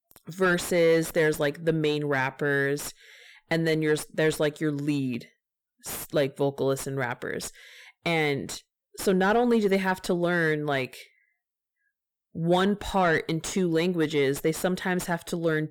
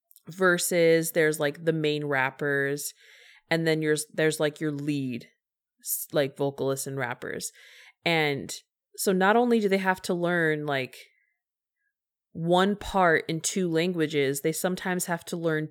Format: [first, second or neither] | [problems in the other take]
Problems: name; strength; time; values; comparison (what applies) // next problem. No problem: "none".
second | distortion; slight; 10 dB below the speech